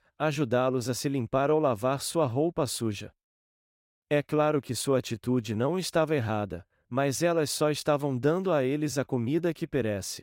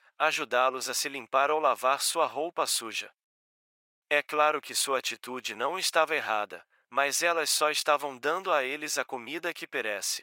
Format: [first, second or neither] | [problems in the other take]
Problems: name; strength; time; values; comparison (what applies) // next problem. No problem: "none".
first | thin; very; fading below 850 Hz